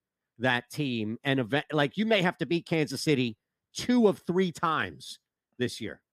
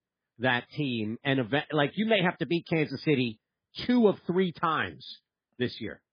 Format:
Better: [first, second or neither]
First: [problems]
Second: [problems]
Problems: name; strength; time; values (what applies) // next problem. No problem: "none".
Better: first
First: none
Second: garbled, watery; badly; nothing above 5 kHz